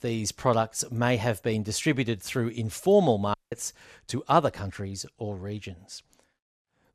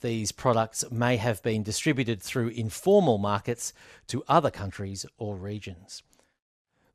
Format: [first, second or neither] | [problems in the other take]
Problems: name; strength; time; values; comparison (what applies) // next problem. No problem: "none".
second | audio cutting out; at 3.5 s